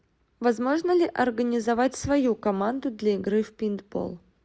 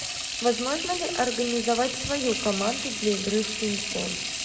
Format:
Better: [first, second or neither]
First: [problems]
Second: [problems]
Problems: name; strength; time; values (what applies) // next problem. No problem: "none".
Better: first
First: none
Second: background sound (Sink (filling or washing) / Water tap, faucet); 3 dB below the speech // room echo; dies away in 1.2 s